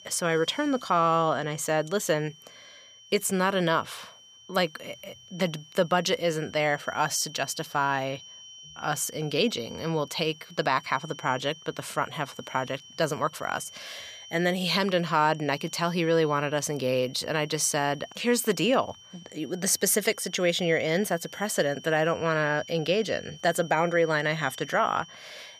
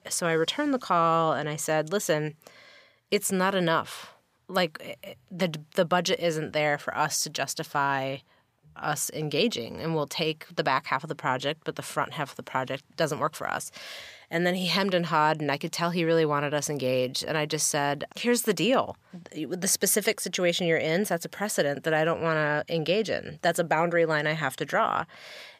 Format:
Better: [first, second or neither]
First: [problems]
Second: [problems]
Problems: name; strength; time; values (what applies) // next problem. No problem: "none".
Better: second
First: high-pitched whine; noticeable; throughout; 3 kHz, 20 dB below the speech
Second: none